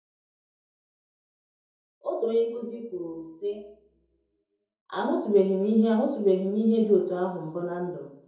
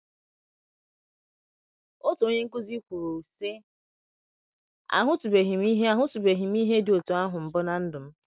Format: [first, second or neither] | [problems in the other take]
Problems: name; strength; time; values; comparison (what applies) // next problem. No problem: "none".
second | room echo; dies away in 2.6 s